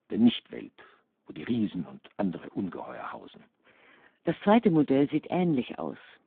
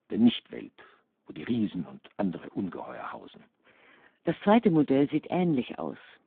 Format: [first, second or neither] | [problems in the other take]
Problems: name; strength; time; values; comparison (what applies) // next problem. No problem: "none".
neither | phone-call audio; poor line; nothing above 3.5 kHz; the same in both